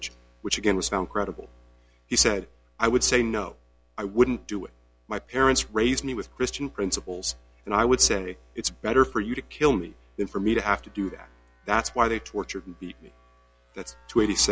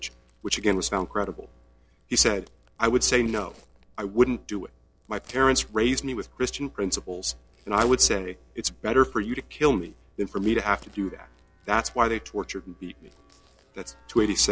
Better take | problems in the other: first | noise reduction (neural separator model SepFormer DNS4)

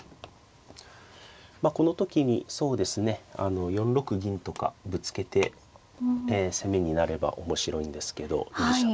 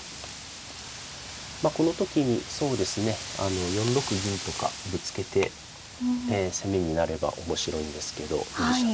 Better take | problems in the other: first | background sound (Wind); 10 dB below the speech

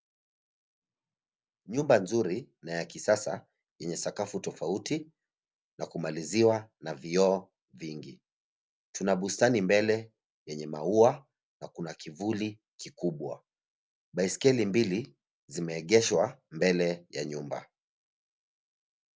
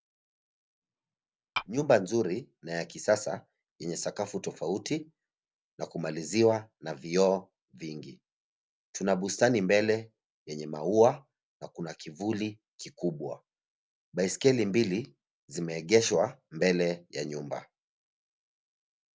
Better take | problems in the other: first | background sound (Tap / Glass); 5 dB below the speech

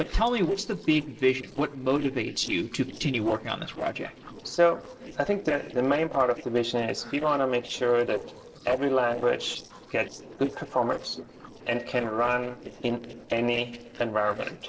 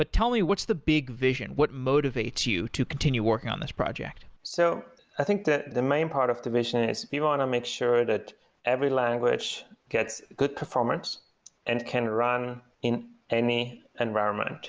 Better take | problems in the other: second | noise reduction (neural separator model SepFormer DNS4)

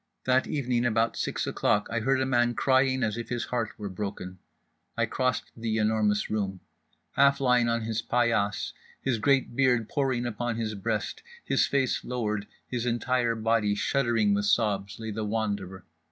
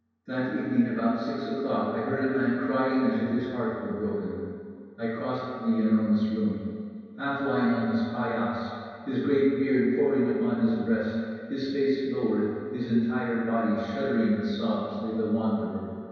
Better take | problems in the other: first | room echo; dies away in 2.2 s

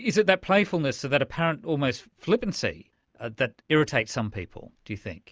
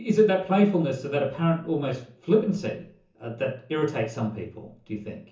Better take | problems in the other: first | room echo; dies away in 0.6 s

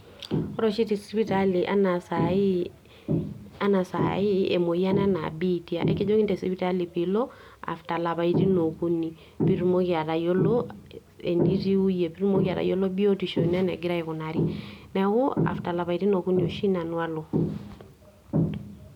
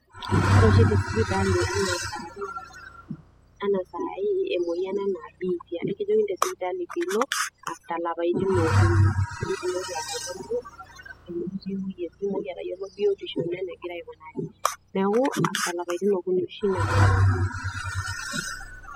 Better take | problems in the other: first | noise reduction (classical method spectral subtraction)

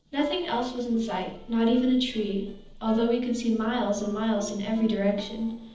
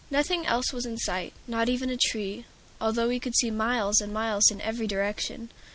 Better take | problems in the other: second | noise reduction (neural separator model SepFormer DNS4)

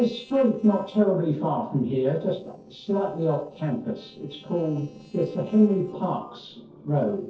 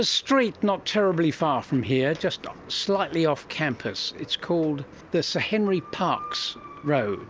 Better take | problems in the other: second | noise reduction (neural separator model SepFormer DNS4)

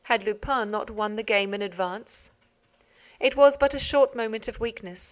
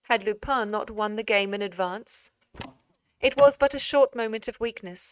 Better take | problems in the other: first | noise reduction (neural mask model RNNoise)

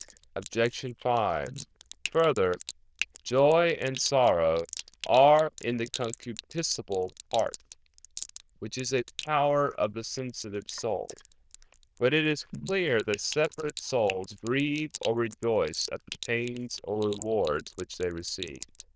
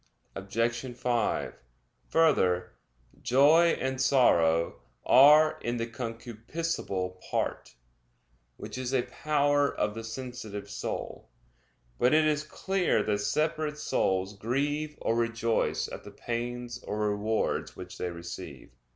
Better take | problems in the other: second | noise reduction (neural diffusion model UNIVERSE++)

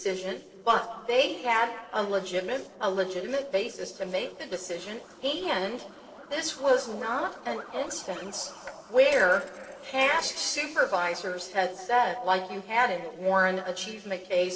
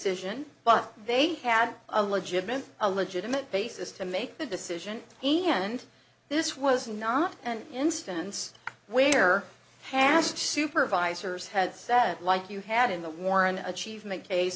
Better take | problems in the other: second | noise reduction (neural separator model SepFormer DNS4)

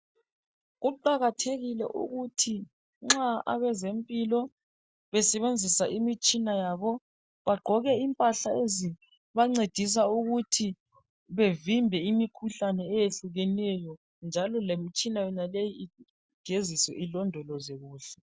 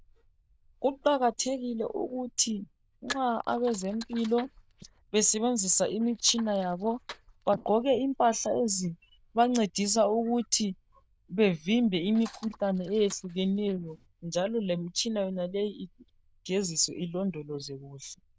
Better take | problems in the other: first | noise reduction (neural diffusion model UNIVERSE++)

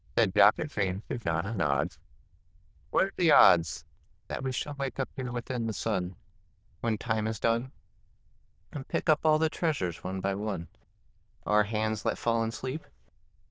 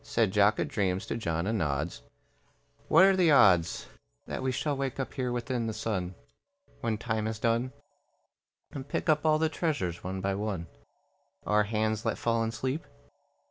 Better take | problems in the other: second | noise reduction (neural diffusion model UNIVERSE++)

